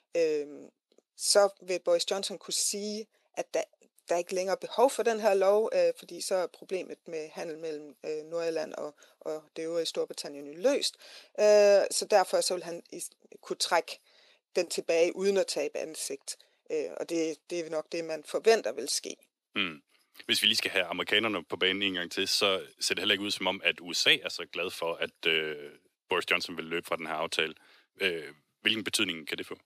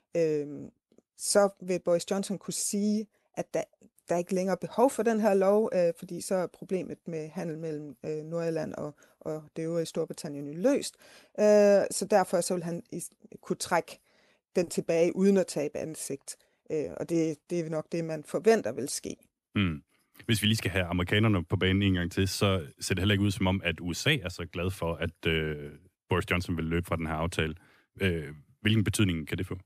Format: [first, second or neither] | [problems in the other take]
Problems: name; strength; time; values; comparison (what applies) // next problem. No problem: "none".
second | thin; somewhat; fading below 450 Hz